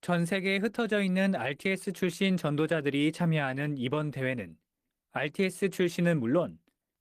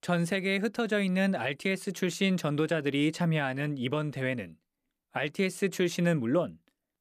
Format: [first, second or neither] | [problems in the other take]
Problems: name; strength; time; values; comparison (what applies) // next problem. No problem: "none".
second | garbled, watery; slightly; nothing above 14.5 kHz